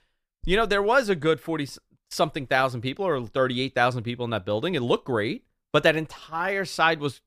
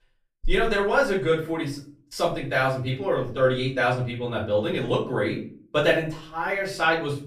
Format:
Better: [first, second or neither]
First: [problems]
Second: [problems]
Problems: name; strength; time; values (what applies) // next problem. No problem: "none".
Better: first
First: none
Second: room echo; slight; dies away in 0.4 s // off-mic speech; far